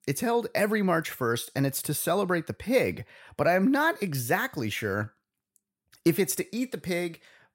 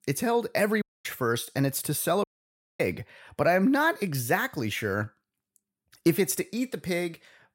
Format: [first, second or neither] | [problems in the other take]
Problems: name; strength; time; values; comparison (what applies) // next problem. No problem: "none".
first | audio cutting out; at 1 s and at 2 s for 0.5 s